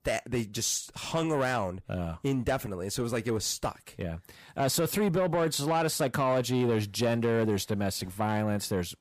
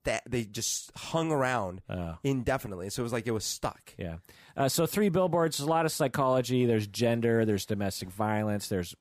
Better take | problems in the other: second | distortion; slight; 10 dB below the speech

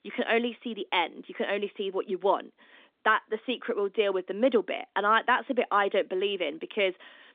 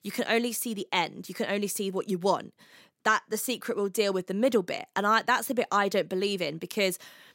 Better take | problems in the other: second | phone-call audio; nothing above 3 kHz

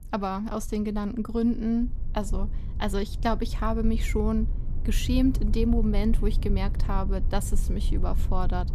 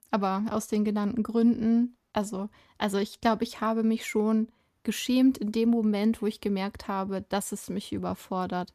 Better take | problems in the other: second | low rumble; noticeable; throughout; 15 dB below the speech

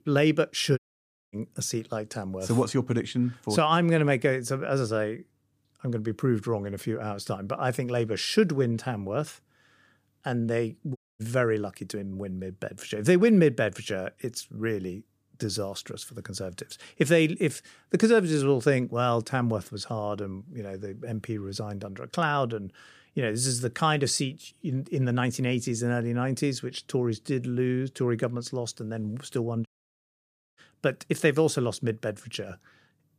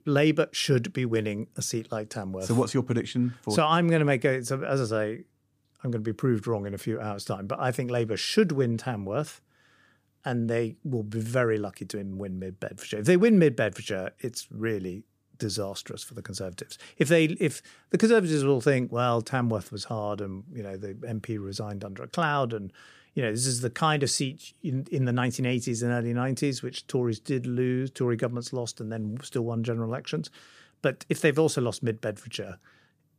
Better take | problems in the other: second | audio cutting out; at 1 s for 0.5 s, at 11 s and at 30 s for 1 s

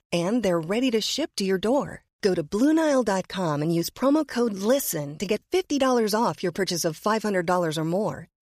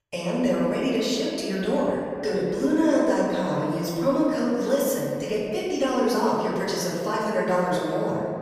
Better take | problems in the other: first | off-mic speech; far // room echo; noticeable; dies away in 2.1 s

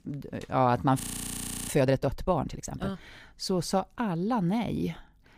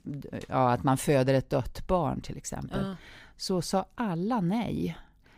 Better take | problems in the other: second | audio freezing; at 1 s for 0.5 s

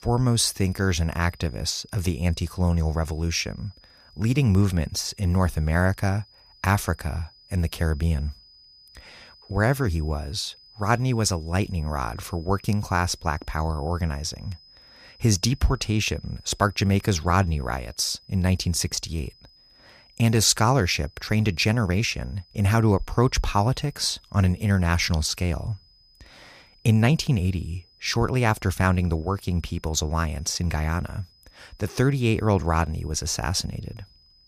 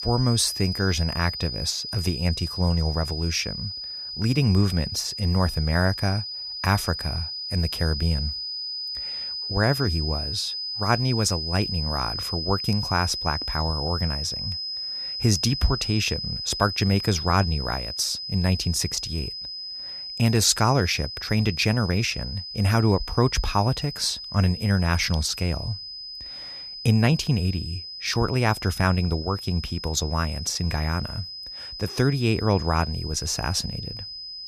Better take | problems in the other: first | high-pitched whine; loud; throughout; 5 kHz, 6 dB below the speech; faint in the first

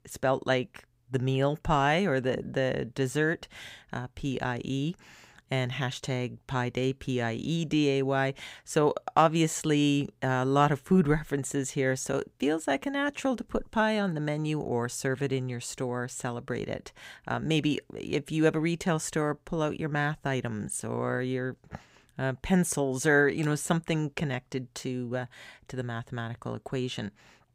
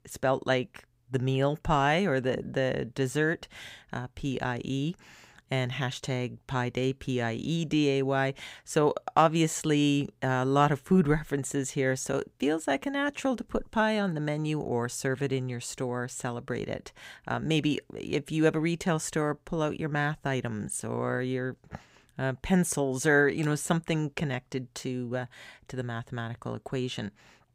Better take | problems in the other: neither | none

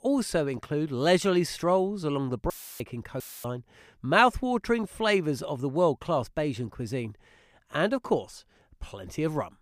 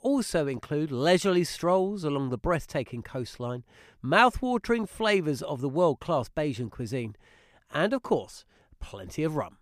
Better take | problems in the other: second | audio cutting out; filled with static; at 2.5 s and at 3 s

